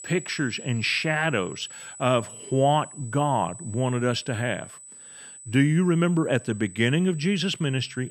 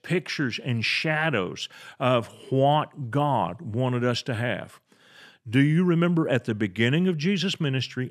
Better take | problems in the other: second | high-pitched whine; noticeable; throughout; 8 kHz, 15 dB below the speech

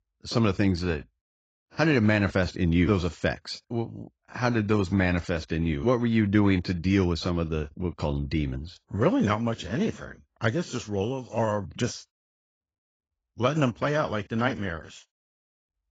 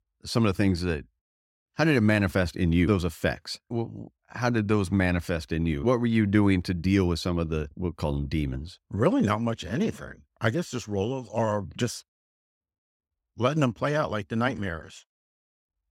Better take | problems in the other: second | garbled, watery; badly; nothing above 7.5 kHz

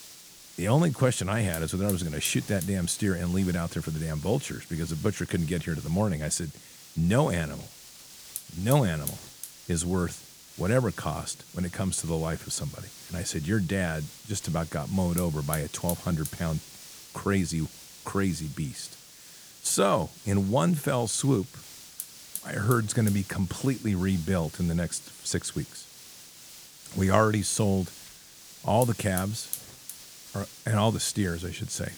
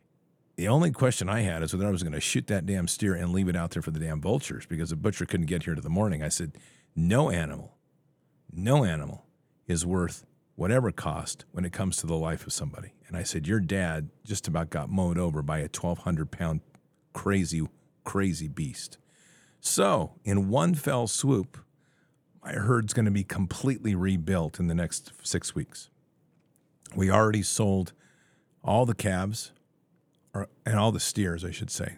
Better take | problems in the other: second | hiss; noticeable; throughout; 15 dB below the speech

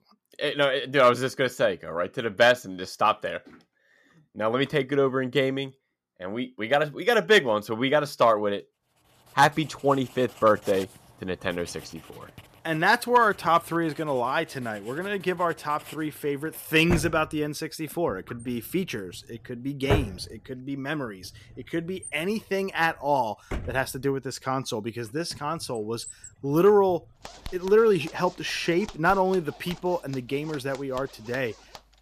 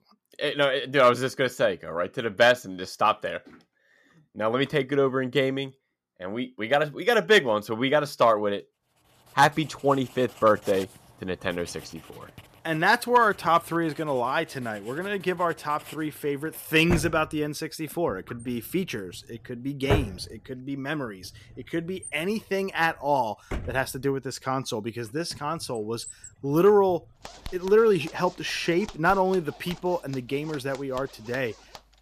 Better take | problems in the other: neither | household noises; noticeable; from 9 s on; 15 dB below the speech; the same in both

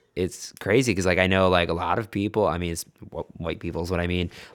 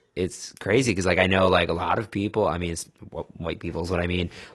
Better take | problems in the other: first | garbled, watery; slightly; nothing above 11 kHz

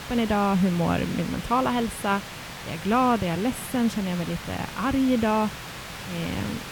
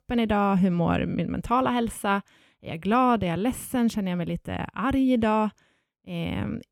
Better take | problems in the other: second | hiss; noticeable; throughout; 10 dB below the speech

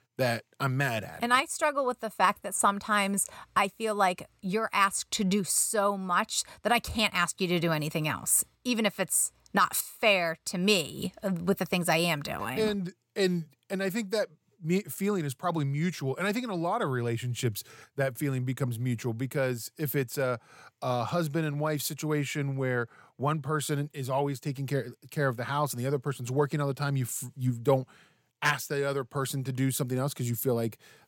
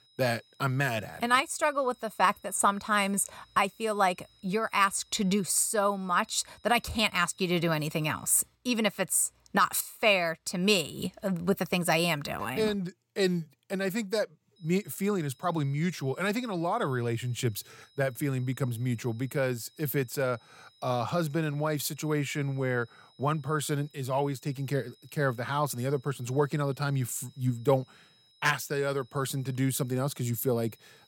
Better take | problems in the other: first | high-pitched whine; faint; until 8.5 s and from 15 s on; 4 kHz, 30 dB below the speech

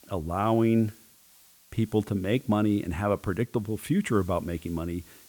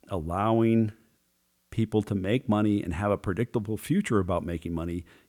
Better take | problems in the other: second | hiss; faint; throughout; 25 dB below the speech

